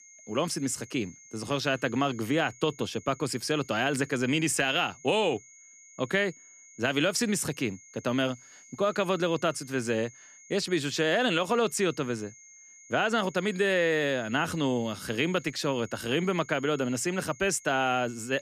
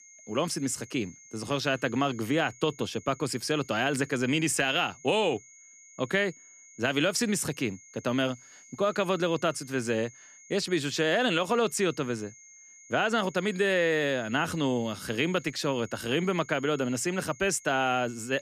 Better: neither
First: high-pitched whine; faint; throughout; 6.5 kHz, 20 dB below the speech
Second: high-pitched whine; faint; throughout; 6.5 kHz, 20 dB below the speech

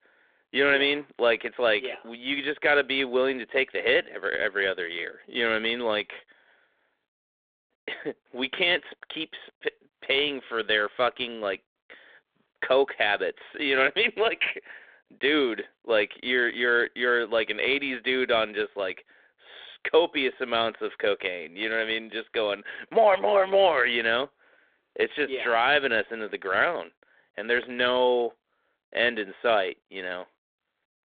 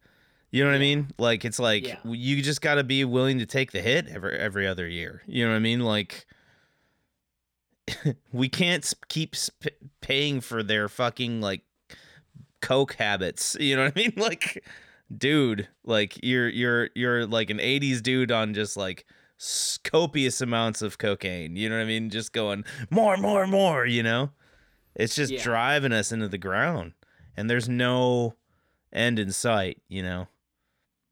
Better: second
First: phone-call audio; nothing above 3.5 kHz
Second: none

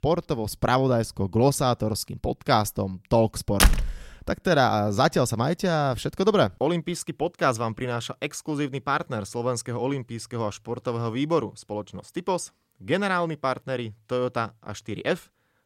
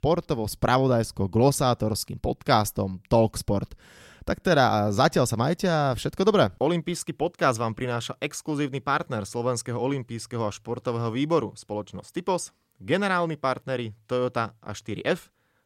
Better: second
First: door banging; loud; at 3.5 s; peak 5 dB above the speech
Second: none

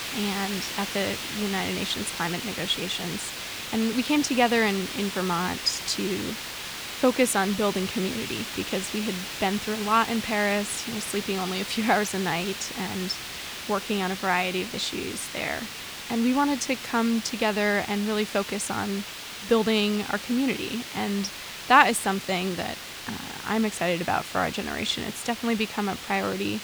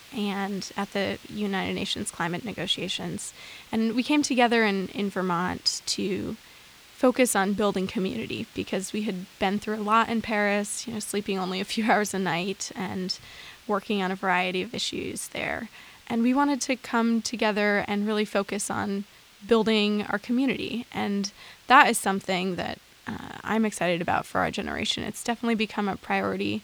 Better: second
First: hiss; loud; throughout; 7 dB below the speech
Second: hiss; faint; throughout; 25 dB below the speech

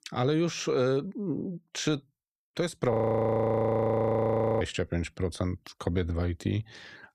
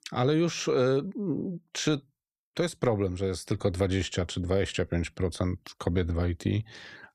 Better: second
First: audio freezing; at 3 s for 1.5 s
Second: none

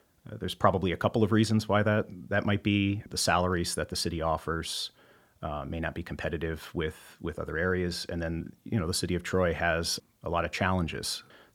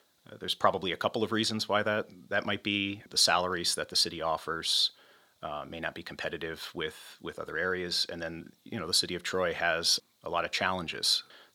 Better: first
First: none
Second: thin; somewhat; fading below 1 kHz

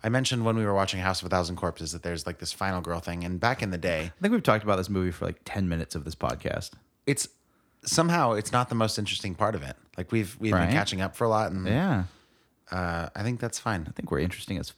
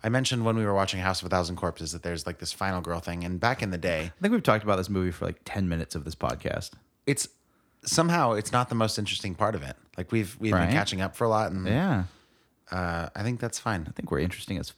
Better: neither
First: none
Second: none

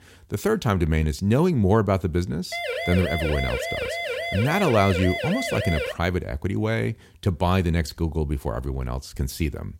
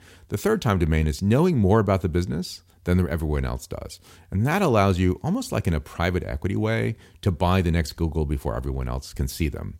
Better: second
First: siren; noticeable; from 2.5 to 6 s; peak 3 dB below the speech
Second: none

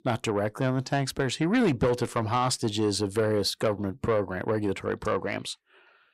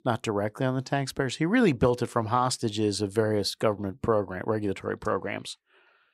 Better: second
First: distortion; slight; 10 dB below the speech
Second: none

